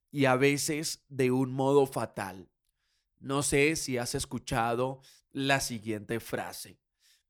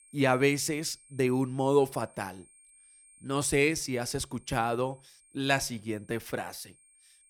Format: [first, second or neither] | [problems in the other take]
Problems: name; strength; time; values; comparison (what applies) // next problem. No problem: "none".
first | high-pitched whine; faint; throughout; 8.5 kHz, 30 dB below the speech